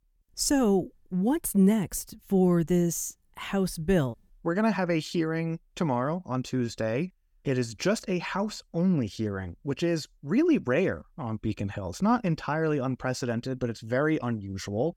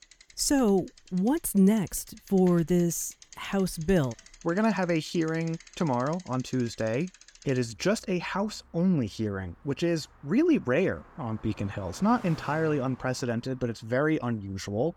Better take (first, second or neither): first